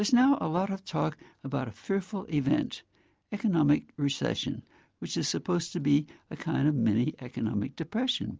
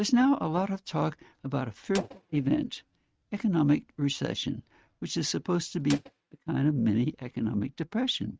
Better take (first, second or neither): first